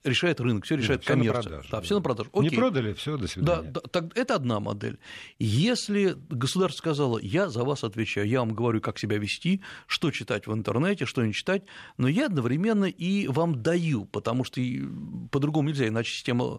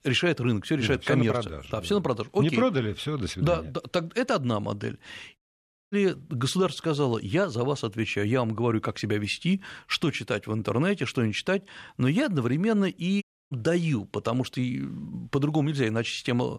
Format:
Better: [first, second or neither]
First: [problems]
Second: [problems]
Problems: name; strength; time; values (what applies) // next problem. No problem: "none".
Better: first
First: none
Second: audio cutting out; at 5.5 s for 0.5 s and at 13 s